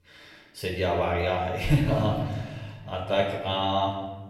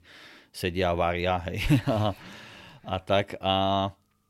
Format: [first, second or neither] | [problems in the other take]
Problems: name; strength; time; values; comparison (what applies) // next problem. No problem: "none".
second | off-mic speech; far // room echo; noticeable; dies away in 1.1 s